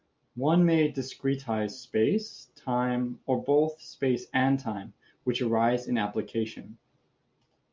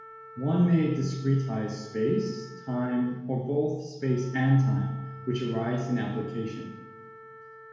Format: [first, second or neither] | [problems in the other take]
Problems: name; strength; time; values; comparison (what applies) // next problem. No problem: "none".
first | background sound (Wind instrument, woodwind instrument); 19 dB below the speech // room echo; dies away in 1 s